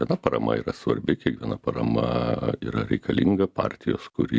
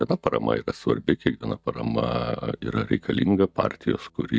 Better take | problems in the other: first | noise reduction (neural mask model DeepFilterNet 3)

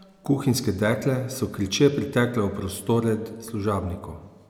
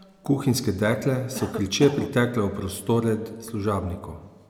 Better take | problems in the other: first | background sound (Cough); 13 dB below the speech

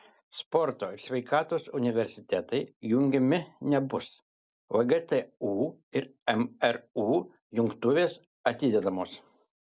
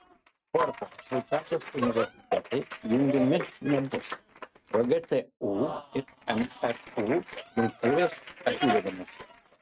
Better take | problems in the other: first | noise reduction (neural mask model RNNoise)

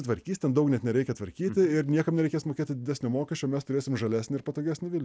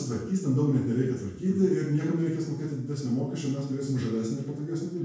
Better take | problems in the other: first | room echo; dies away in 0.6 s

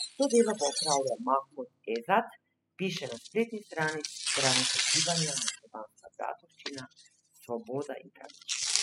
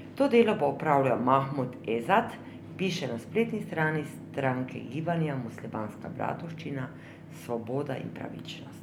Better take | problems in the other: second | noise reduction (classical method spectral subtraction)

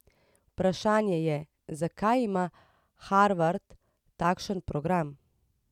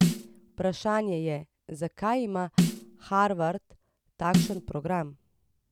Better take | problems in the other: first | background sound (Snare drum); 1 dB above the speech

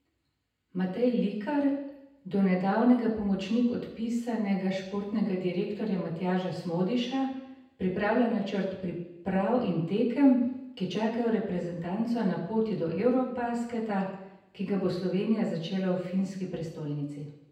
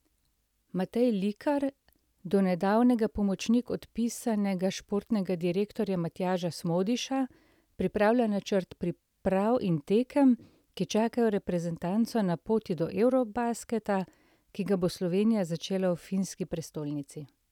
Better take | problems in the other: second | room echo; dies away in 0.9 s

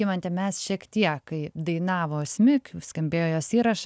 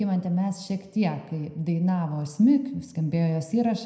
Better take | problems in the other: first | room echo; dies away in 0.8 s

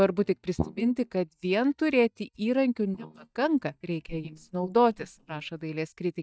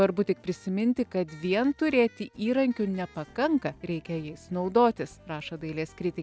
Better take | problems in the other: second | noise reduction (neural mask model DeepFilterNet 3)

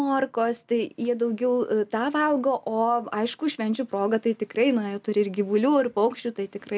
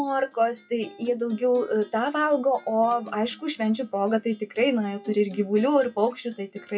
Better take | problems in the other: first | noise reduction (classical method WPE with log-MMSE)

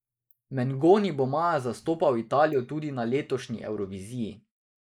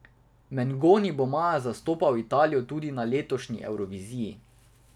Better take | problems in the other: second | noise reduction (neural mask model Resemble Enhance denoiser)

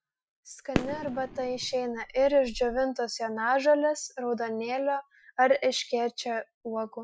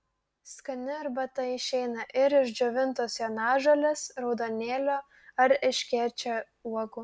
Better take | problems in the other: second | noise reduction (classical method Wiener filter)

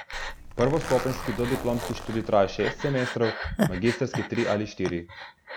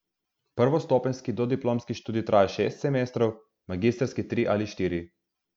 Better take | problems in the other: second | background sound (Breathing + Zipper (clothing)); 6 dB below the speech

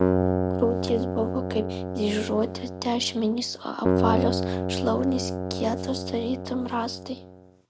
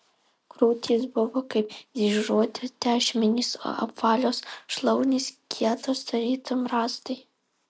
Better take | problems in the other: second | background sound (Keyboard (musical)); as loud as the speech

